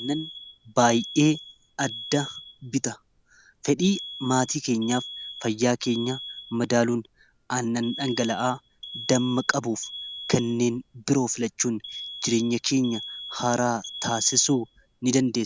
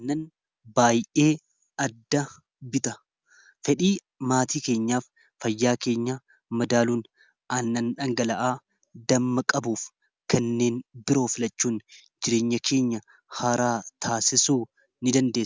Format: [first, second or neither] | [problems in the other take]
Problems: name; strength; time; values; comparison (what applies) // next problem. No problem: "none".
second | background sound (Alarm); 15 dB below the speech